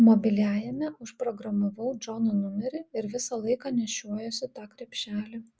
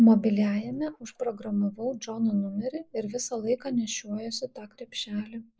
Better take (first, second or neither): first